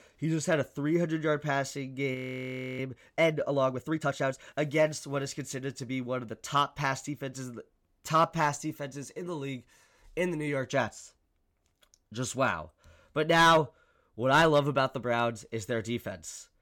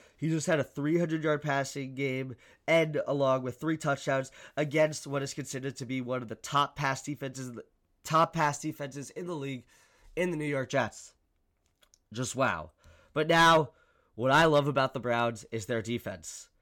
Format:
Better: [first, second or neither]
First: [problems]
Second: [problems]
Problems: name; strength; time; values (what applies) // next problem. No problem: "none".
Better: second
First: audio freezing; at 2 s for 0.5 s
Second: none